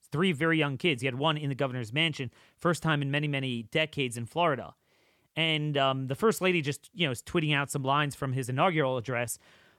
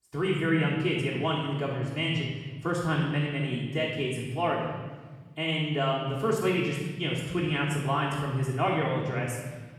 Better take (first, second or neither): first